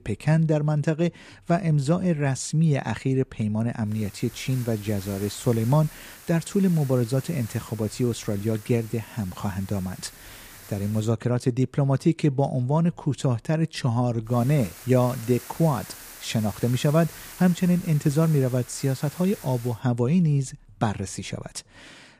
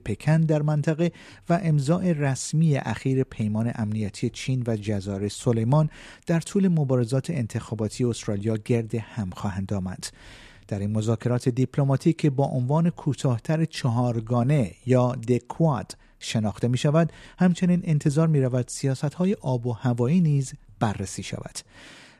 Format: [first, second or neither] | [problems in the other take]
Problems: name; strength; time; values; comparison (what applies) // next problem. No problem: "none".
second | hiss; noticeable; from 4 to 11 s and from 14 to 20 s; 20 dB below the speech